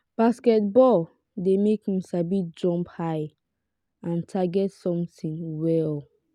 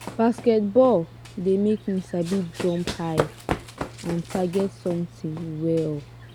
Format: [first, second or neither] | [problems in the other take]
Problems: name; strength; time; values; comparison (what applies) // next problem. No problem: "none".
first | background sound (Run); 10 dB below the speech